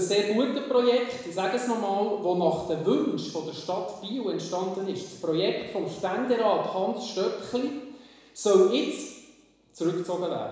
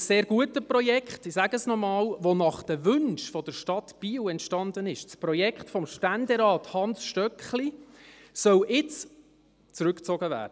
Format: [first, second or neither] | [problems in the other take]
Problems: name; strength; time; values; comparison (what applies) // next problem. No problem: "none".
second | room echo; dies away in 1 s